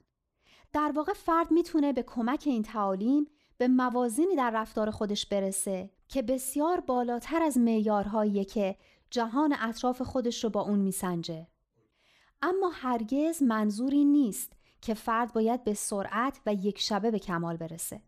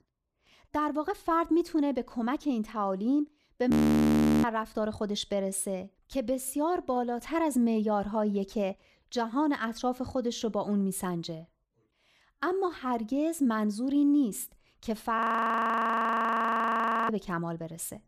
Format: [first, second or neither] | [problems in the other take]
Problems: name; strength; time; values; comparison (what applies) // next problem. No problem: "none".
first | audio freezing; at 3.5 s for 0.5 s and at 15 s for 2 s